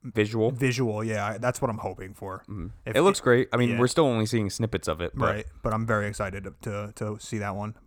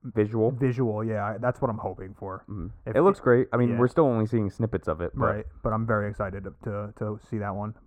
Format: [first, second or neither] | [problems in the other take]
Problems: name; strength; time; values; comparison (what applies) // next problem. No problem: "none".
first | muffled; very; fading above 1.5 kHz